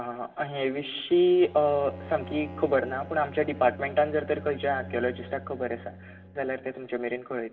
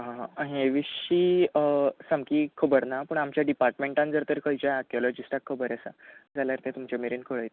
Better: second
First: background sound (Bowed string instrument); 16 dB below the speech // room echo; dies away in 2.5 s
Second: none

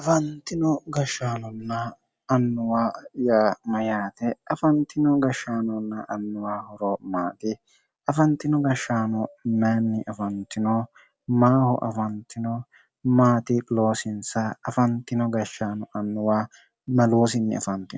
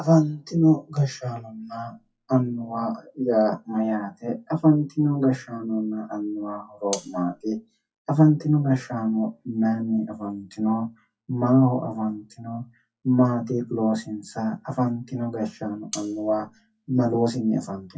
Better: first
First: none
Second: noise reduction (classical method WPE with log-MMSE)

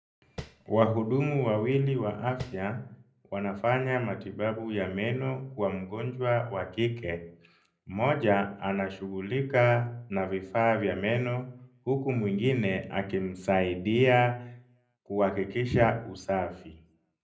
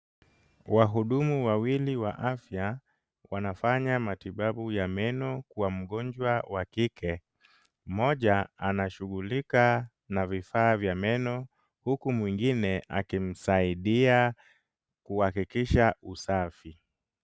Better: second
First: background sound (Tap); 15 dB below the speech // room echo; dies away in 0.4 s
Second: none

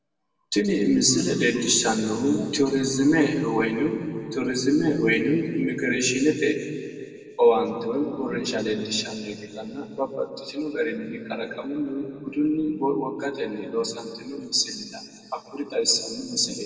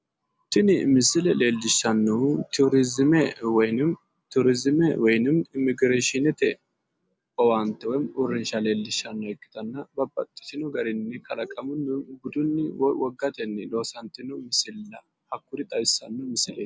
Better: second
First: room echo; dies away in 2 s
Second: none

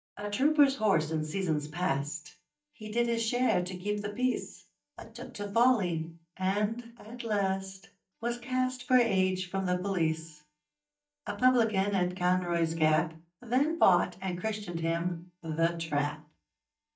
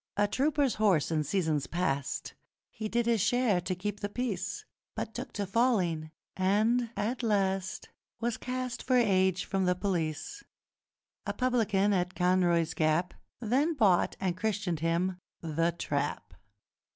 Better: second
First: noise reduction (neural mask model DeepFilterNet 3)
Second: none

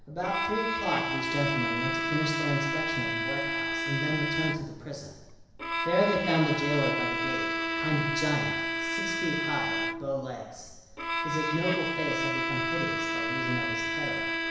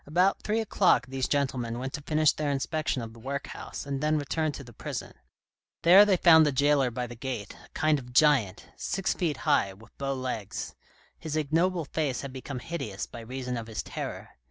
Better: second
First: background sound (Bowed string instrument); 1 dB above the speech // room echo; dies away in 1 s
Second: none

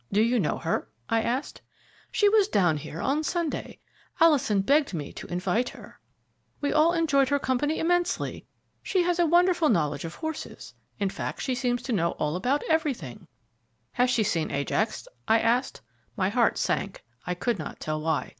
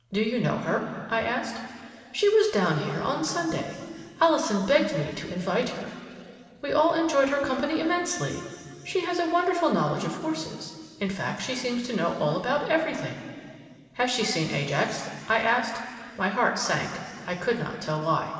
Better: first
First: none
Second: room echo; dies away in 2.5 s

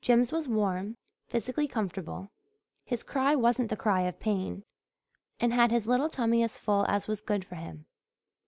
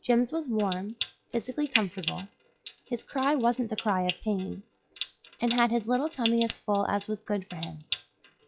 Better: first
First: none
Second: noise reduction (classical method log-MMSE)

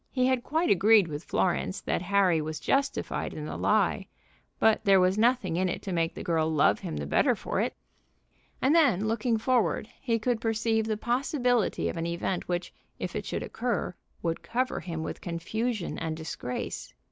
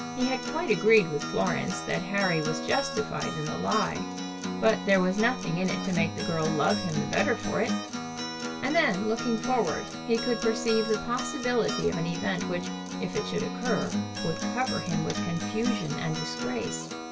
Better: first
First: none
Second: background sound (Acoustic guitar); 4 dB below the speech // room echo; dies away in 0.1 s

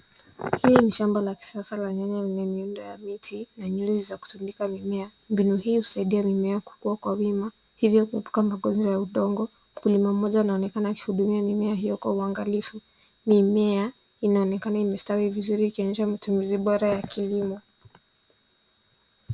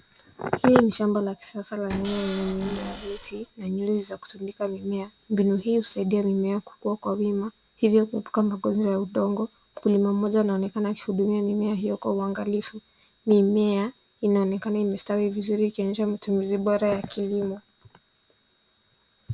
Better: first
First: none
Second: background sound (Cupboard open or close / Door); 11 dB below the speech

